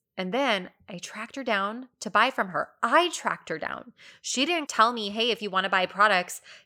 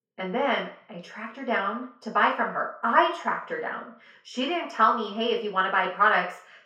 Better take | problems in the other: first | room echo; slight; dies away in 0.5 s // off-mic speech; far

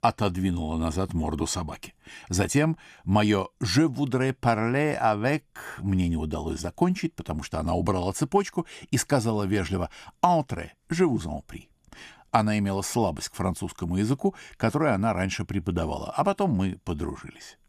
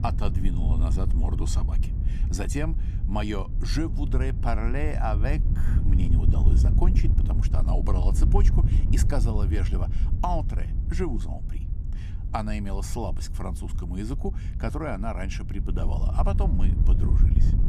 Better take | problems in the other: first | wind noise on the microphone; heavy; 8 dB below the speech

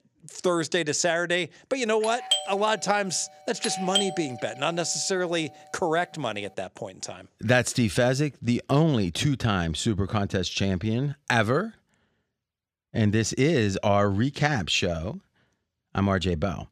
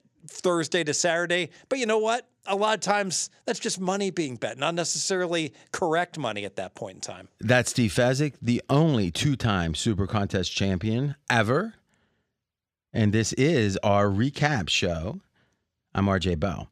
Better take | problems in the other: second | doorbell; loud; from 2 to 4 s; peak 1 dB above the speech

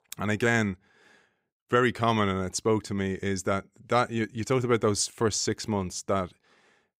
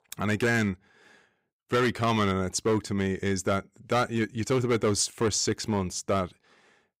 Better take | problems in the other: first | distortion; slight; 5% of the sound clipped

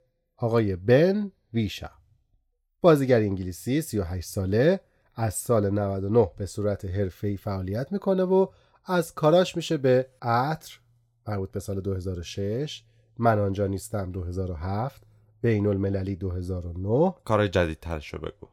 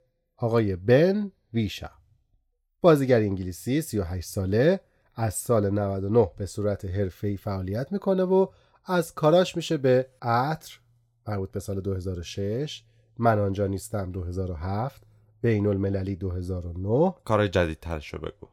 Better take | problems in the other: neither | none

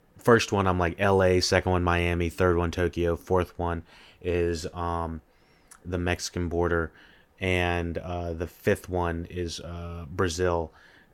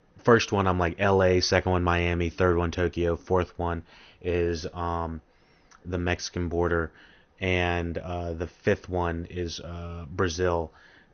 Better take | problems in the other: first | garbled, watery; slightly; nothing above 6.5 kHz

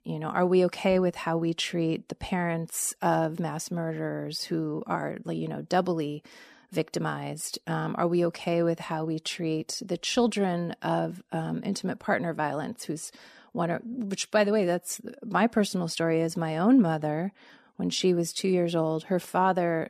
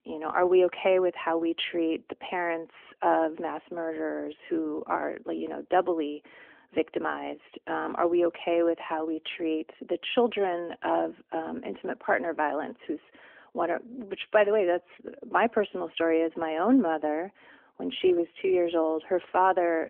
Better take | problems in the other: first | phone-call audio; nothing above 3.5 kHz

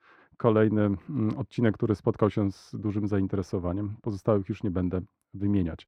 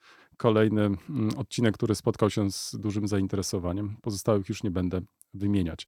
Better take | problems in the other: second | muffled; very; fading above 3.5 kHz

